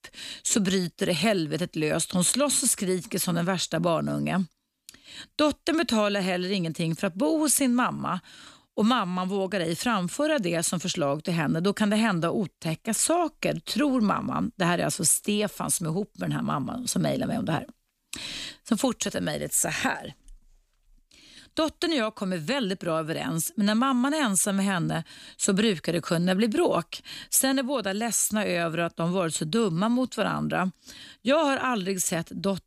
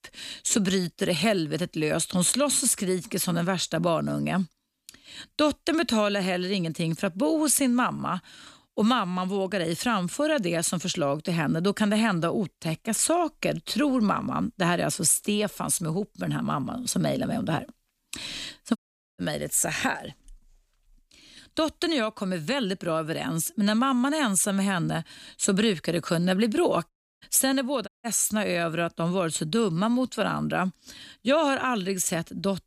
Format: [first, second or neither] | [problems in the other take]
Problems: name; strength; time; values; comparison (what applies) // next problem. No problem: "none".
first | audio cutting out; at 19 s, at 27 s and at 28 s